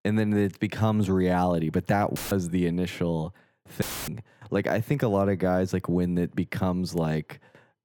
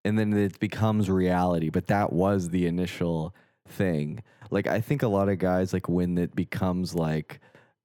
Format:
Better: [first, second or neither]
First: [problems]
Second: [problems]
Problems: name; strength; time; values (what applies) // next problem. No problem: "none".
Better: second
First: audio cutting out; filled with static; at 2 s and at 4 s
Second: none